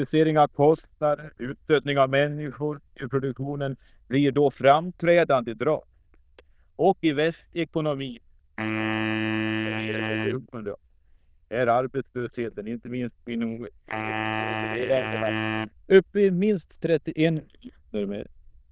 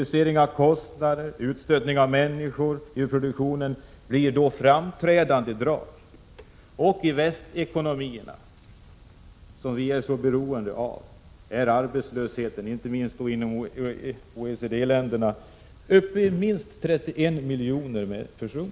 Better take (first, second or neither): second